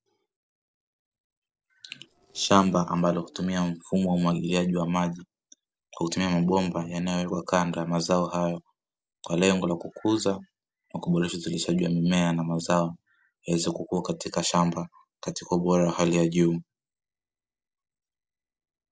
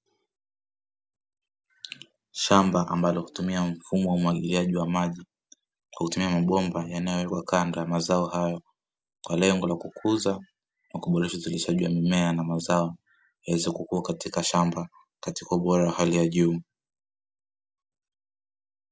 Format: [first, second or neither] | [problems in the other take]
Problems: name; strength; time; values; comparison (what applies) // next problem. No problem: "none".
second | noise reduction (neural separator model SepFormer DNS4)